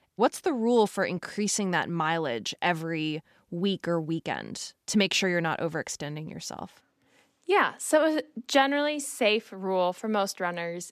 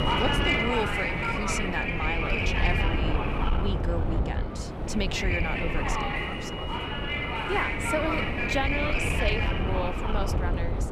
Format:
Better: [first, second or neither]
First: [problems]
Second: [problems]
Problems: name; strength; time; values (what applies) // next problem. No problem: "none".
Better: first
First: none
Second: wind noise on the microphone; heavy; 5 dB above the speech